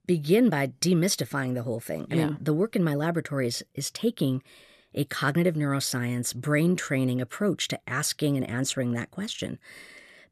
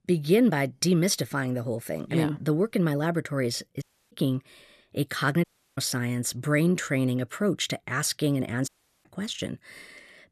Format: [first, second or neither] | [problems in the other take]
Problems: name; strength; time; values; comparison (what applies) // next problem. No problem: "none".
first | audio cutting out; at 4 s, at 5.5 s and at 8.5 s